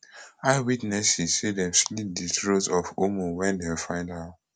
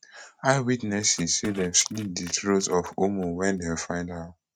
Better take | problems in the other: first | noise reduction (neural mask model RNNoise)

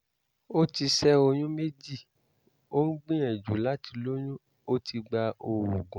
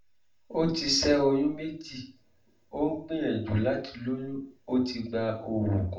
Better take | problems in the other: first | room echo; dies away in 0.4 s

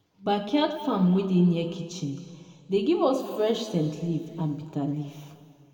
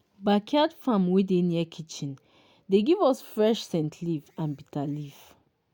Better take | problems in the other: second | room echo; dies away in 2 s

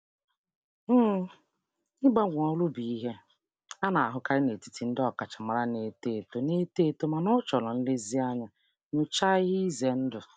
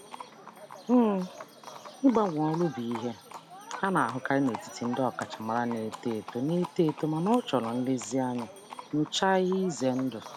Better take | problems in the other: first | background sound (Livestock, farm animals, working animals); 14 dB below the speech

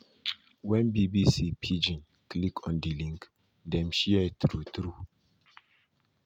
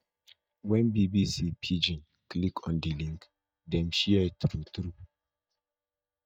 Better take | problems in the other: first | noise reduction (neural mask model DeepFilterNet 3)

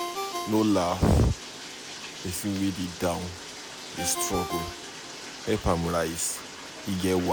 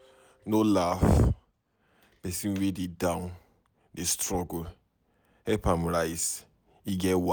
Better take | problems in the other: second | background sound (Ringtone + Bathtub (filling or washing)); 9 dB below the speech

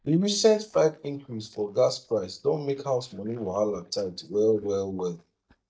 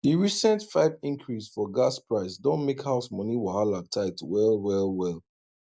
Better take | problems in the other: second | noise reduction (neural mask model DeepFilterNet 3)

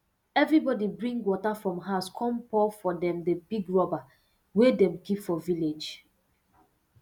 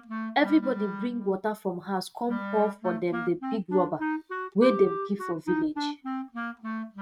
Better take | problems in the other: first | noise reduction (neural mask model RNNoise)

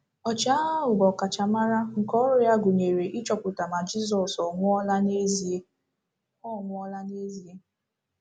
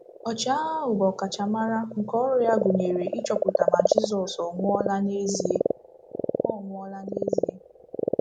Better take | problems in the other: first | background sound (Frog); 1 dB below the speech

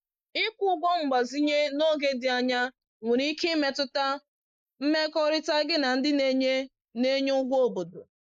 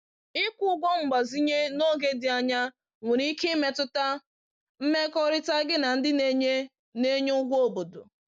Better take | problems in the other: second | noise reduction (neural mask model Resemble Enhance denoiser)

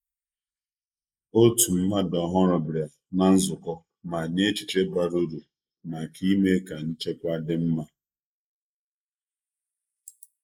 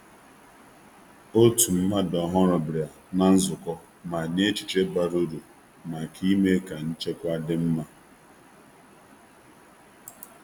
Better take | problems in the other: second | noise reduction (neural mask model Resemble Enhance denoiser)

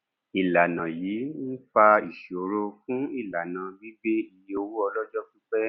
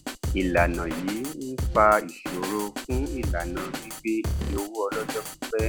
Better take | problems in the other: first | background sound (Drum kit); 4 dB below the speech

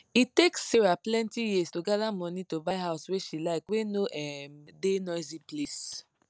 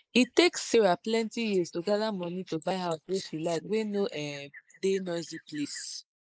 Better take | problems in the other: first | noise reduction (neural mask model Resemble Enhance denoiser)

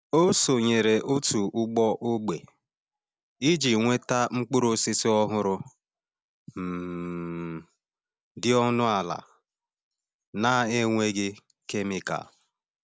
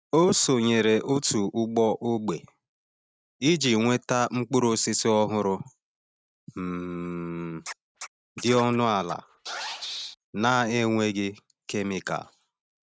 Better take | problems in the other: first | noise reduction (neural mask model RNNoise)

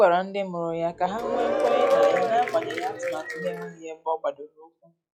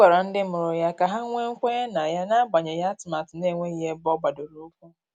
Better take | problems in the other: second | noise reduction (classical method log-MMSE)

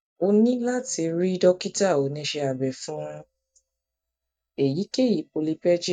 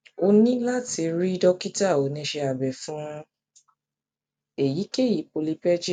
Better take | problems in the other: second | noise reduction (neural mask model DeepFilterNet 3)

